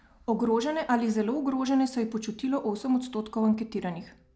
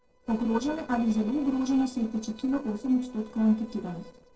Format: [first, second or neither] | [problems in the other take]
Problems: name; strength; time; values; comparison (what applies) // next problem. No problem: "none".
first | noise reduction (neural separator model SepFormer DNS4)